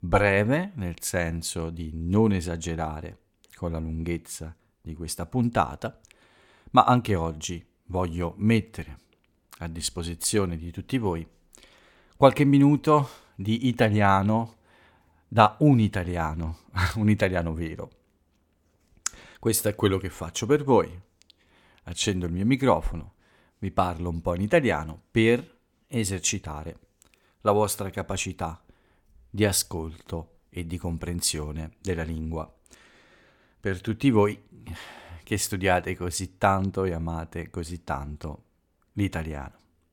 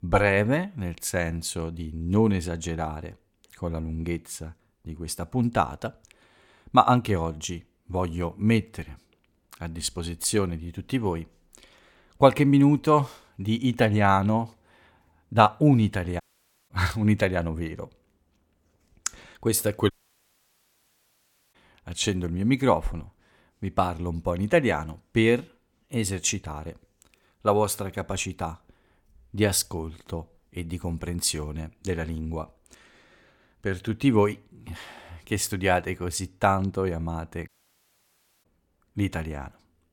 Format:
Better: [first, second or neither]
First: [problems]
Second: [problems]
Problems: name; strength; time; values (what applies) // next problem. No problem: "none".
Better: first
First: none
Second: audio cutting out; at 16 s, at 20 s for 1.5 s and at 37 s for 1 s